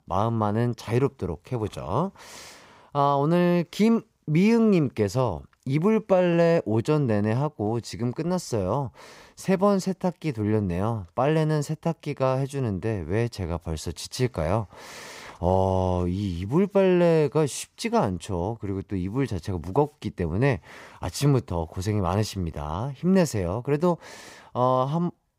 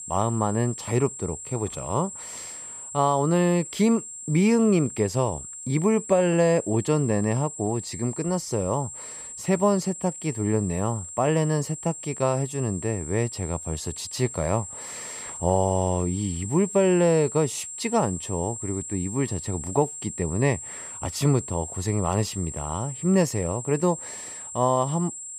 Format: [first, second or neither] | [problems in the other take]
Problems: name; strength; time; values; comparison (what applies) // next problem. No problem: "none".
first | high-pitched whine; loud; throughout; 7.5 kHz, 10 dB below the speech